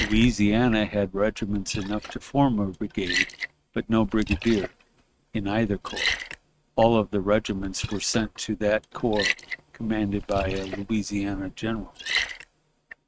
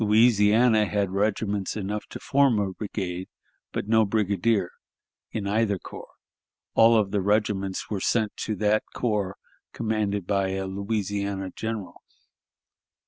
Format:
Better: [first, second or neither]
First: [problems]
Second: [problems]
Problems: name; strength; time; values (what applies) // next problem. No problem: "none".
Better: second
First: noise reduction (neural mask model RNNoise)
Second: none